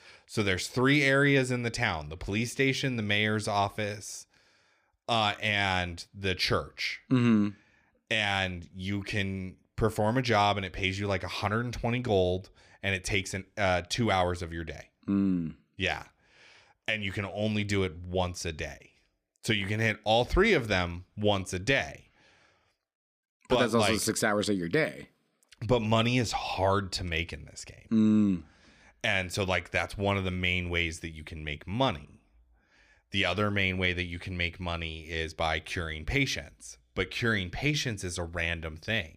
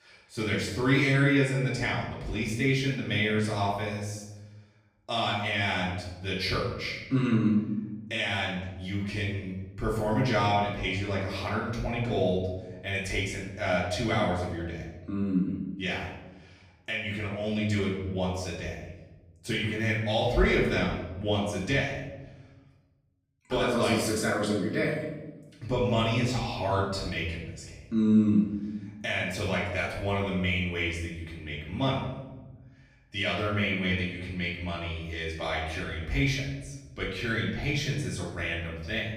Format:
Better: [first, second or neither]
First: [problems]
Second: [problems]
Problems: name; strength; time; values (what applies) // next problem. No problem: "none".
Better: first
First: none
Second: room echo; noticeable; dies away in 1 s // off-mic speech; far